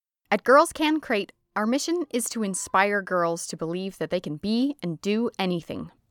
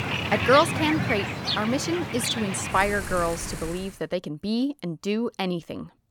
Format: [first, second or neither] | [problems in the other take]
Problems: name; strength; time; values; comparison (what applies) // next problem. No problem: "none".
first | rain or running water; loud; until 4 s; 3 dB below the speech